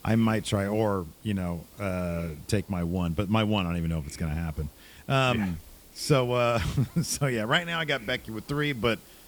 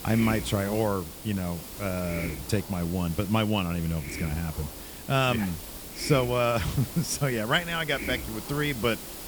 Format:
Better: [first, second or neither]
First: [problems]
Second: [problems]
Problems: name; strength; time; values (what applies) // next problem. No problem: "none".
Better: first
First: hiss; faint; throughout; 20 dB below the speech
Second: hiss; loud; throughout; 9 dB below the speech